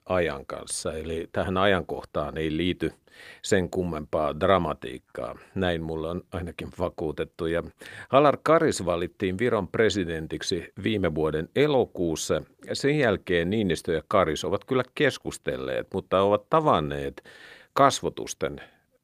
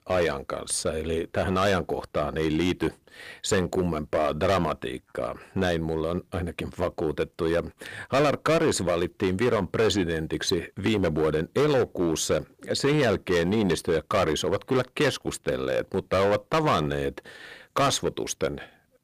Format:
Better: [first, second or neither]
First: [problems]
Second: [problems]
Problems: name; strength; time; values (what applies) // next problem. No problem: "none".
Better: first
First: none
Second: distortion; heavy; 8% of the sound clipped